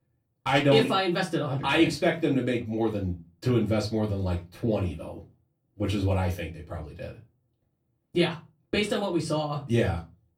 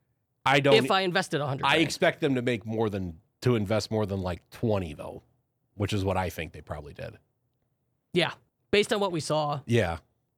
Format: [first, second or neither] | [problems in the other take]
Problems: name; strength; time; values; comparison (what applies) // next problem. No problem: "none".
second | off-mic speech; far // room echo; very slight; dies away in 0.2 s